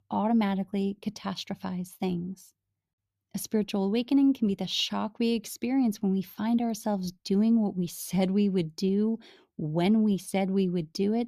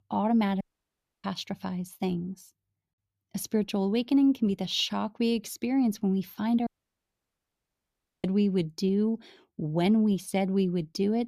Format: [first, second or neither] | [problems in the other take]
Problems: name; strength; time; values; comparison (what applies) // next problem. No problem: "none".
first | audio cutting out; at 0.5 s for 0.5 s and at 6.5 s for 1.5 s